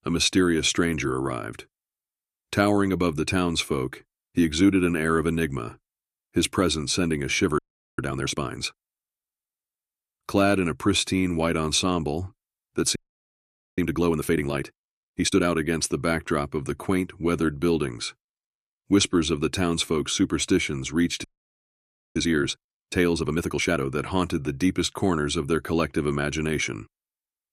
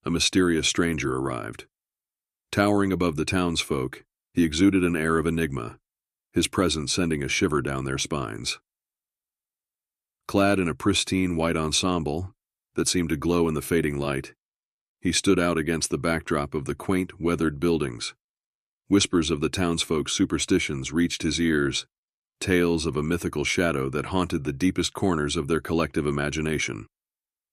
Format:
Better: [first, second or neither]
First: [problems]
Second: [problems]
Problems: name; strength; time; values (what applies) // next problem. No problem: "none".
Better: second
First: audio freezing; at 7.5 s, at 13 s for 1 s and at 21 s for 1 s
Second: none